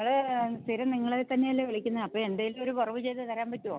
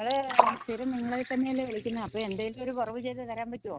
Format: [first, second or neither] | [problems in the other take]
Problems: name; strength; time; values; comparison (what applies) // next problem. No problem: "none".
first | noise reduction (neural mask model RNNoise)